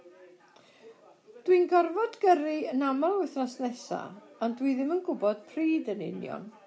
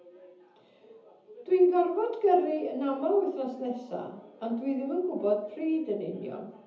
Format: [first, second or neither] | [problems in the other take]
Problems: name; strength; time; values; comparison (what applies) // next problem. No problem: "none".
first | room echo; dies away in 0.7 s